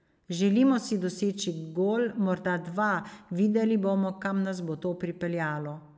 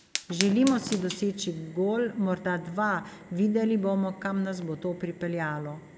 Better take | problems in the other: first | background sound (Fire); 13 dB below the speech

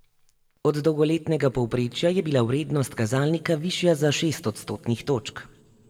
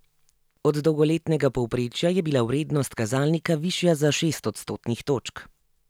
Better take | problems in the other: second | room echo; dies away in 1.7 s

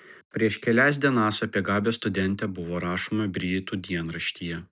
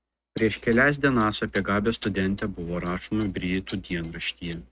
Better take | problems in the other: first | noise reduction (neural mask model RNNoise)

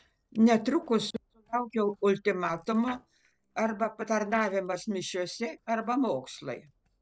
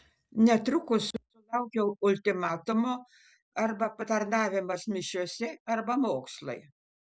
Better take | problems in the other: second | noise reduction (neural separator model SepFormer DNS4)

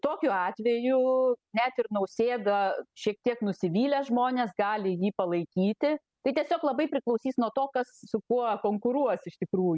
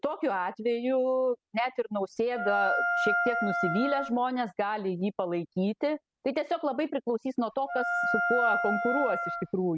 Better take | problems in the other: first | background sound (Wind instrument, woodwind instrument); as loud as the speech

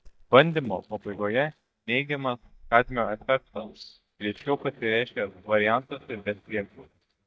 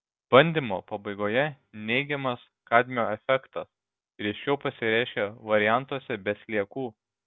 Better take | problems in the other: second | noise reduction (neural mask model DeepFilterNet 3)

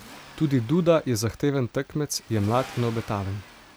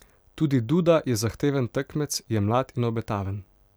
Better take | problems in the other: second | background sound (Accelerating, revving, vroom); 20 dB below the speech

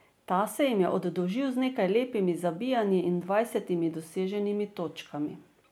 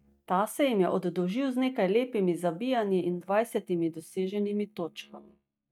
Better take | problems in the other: first | noise reduction (neural mask model DeepFilterNet 3)

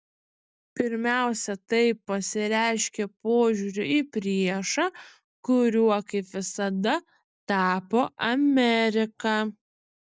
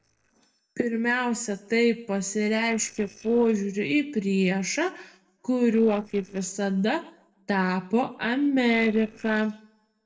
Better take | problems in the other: first | noise reduction (neural separator model SepFormer DNS4)

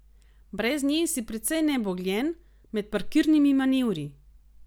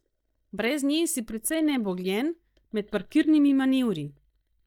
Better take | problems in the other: first | noise reduction (neural mask model DeepFilterNet 3)

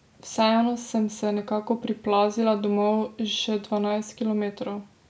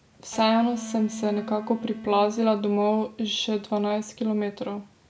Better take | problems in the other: first | background sound (Electric guitar); 12 dB below the speech

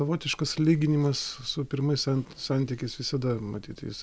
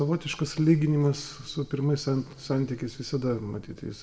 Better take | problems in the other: first | room echo; dies away in 1.3 s

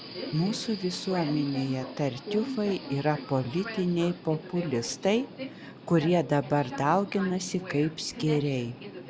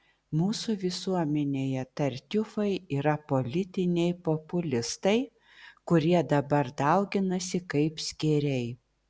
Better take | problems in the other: second | background sound (Subway, metro, underground); 11 dB below the speech

